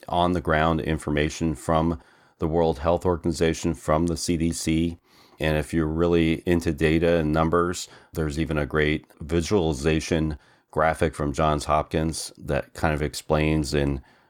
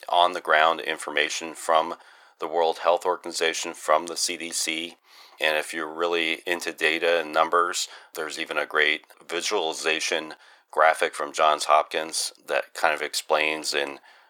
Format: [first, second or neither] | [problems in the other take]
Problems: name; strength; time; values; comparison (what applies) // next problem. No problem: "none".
first | thin; very; fading below 550 Hz